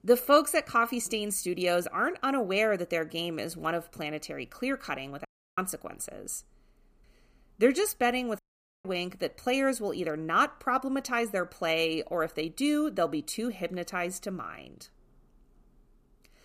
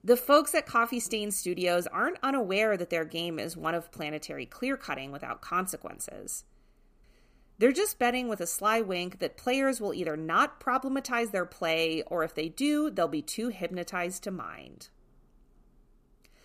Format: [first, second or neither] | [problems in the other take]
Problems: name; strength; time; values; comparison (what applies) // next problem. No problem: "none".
second | audio cutting out; at 5.5 s and at 8.5 s